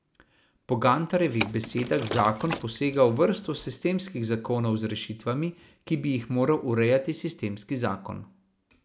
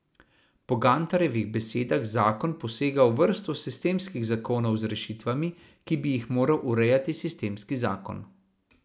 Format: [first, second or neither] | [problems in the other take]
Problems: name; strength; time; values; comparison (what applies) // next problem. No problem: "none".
second | background sound (Liquid); 10 dB below the speech